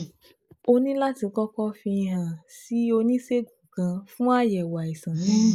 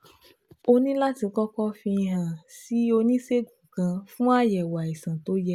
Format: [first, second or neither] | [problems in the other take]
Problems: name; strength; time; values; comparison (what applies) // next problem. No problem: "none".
second | noise reduction (neural mask model Resemble Enhance denoiser)